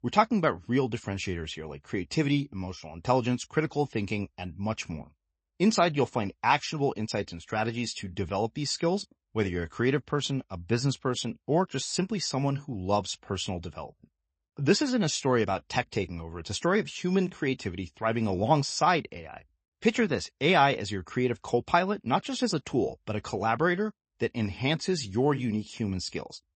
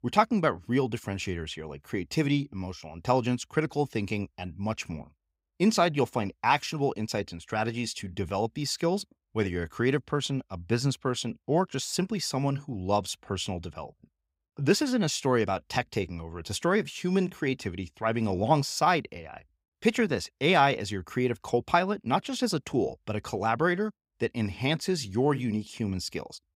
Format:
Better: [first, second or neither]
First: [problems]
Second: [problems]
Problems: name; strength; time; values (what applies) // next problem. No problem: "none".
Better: second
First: garbled, watery; slightly; nothing above 8 kHz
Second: none